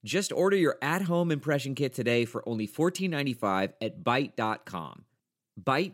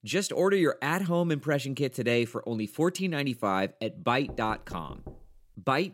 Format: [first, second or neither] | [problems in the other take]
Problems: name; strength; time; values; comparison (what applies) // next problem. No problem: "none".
first | door banging; faint; from 4.5 s on; peak 15 dB below the speech